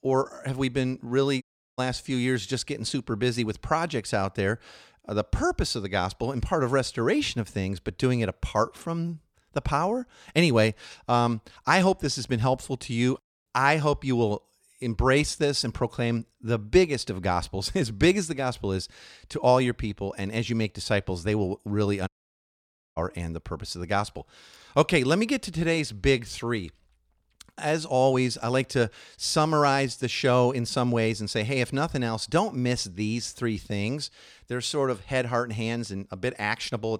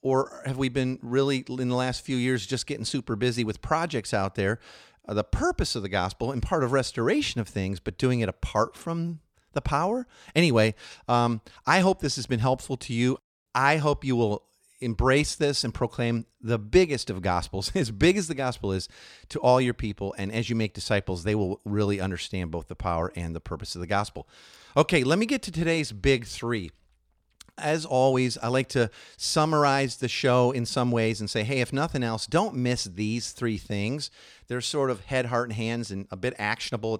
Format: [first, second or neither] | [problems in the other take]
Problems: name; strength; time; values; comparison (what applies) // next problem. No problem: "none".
second | audio cutting out; at 1.5 s and at 22 s for 1 s